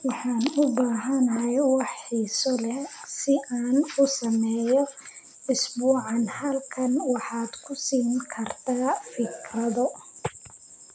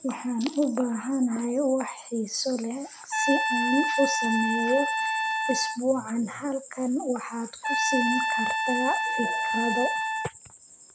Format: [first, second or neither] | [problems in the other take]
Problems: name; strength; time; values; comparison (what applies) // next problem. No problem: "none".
first | background sound (Trumpet); as loud as the speech